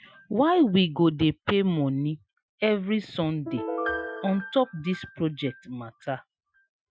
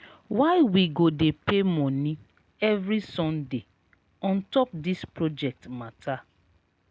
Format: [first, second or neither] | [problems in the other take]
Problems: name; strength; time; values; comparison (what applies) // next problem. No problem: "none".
second | noise reduction (classical method Wiener filter)